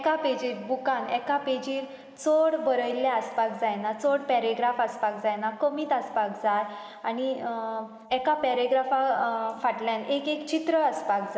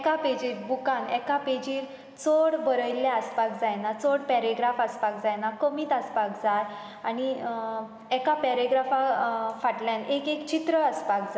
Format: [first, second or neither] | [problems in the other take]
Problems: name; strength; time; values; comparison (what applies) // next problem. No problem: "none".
second | noise reduction (neural mask model Resemble Enhance denoiser)